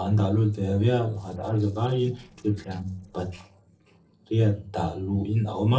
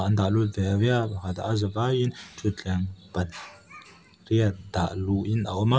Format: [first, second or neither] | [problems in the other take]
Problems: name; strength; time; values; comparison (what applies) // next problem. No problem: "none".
second | noise reduction (neural separator model SepFormer DNS4)